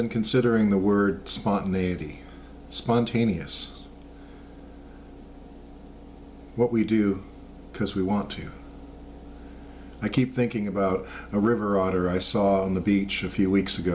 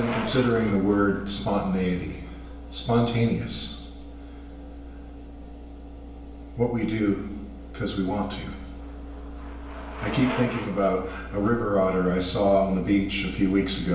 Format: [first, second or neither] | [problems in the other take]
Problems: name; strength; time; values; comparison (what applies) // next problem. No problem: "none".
first | background sound (Bicycle); 16 dB below the speech // room echo; dies away in 0.8 s